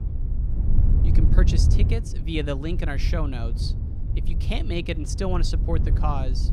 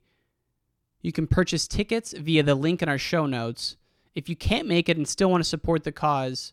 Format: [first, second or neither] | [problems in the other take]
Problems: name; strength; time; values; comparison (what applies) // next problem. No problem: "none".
second | low rumble; loud; throughout; 8 dB below the speech